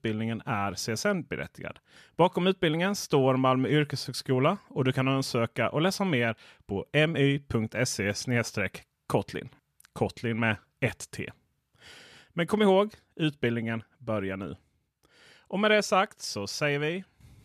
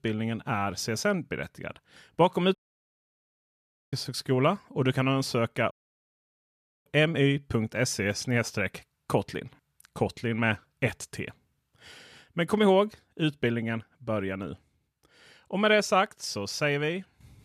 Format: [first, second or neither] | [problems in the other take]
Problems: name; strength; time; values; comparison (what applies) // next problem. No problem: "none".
first | audio cutting out; at 2.5 s for 1.5 s and at 5.5 s for 1 s